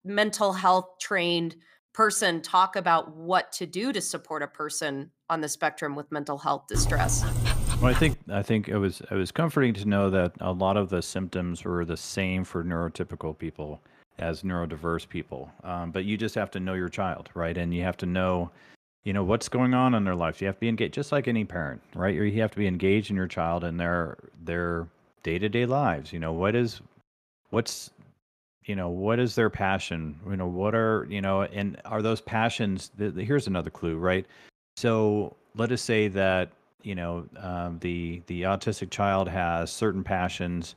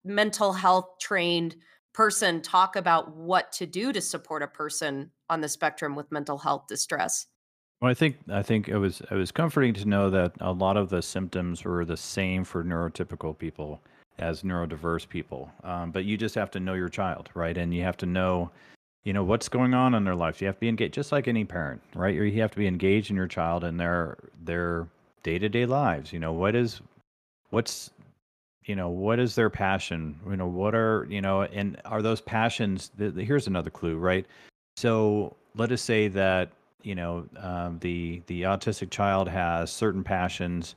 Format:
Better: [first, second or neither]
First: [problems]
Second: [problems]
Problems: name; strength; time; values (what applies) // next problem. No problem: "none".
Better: second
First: dog barking; loud; from 6.5 to 8 s; peak 1 dB above the speech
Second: none